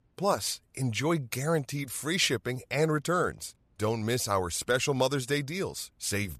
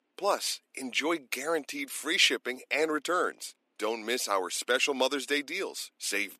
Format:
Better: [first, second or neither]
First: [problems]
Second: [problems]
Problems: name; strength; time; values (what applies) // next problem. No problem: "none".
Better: first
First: none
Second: thin; somewhat; fading below 250 Hz